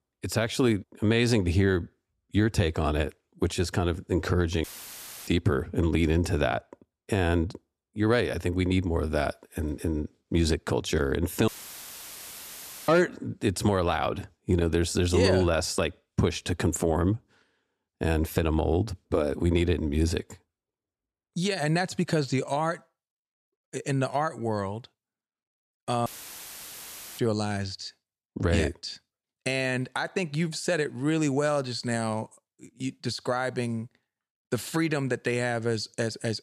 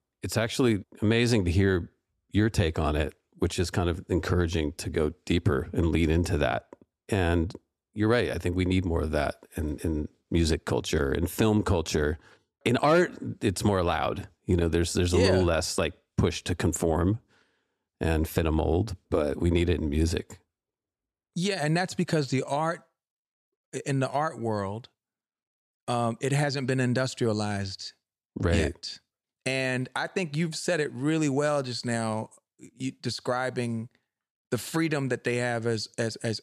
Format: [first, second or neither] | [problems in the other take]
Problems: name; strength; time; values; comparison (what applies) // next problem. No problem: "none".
second | audio cutting out; filled with static; at 4.5 s for 0.5 s, at 11 s for 1.5 s and at 26 s for 1 s